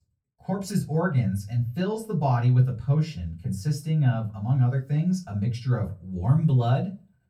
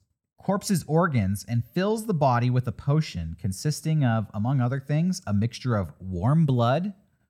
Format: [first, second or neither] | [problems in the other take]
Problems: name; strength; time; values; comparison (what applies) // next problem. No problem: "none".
second | off-mic speech; far // room echo; very slight; dies away in 0.2 s